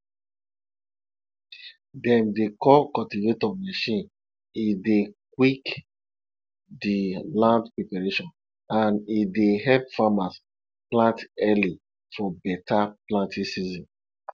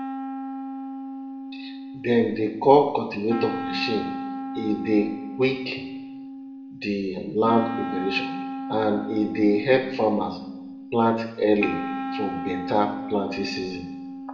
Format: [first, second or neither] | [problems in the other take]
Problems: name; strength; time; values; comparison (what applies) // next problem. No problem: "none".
first | background sound (Wind instrument, woodwind instrument); 8 dB below the speech // room echo; dies away in 0.8 s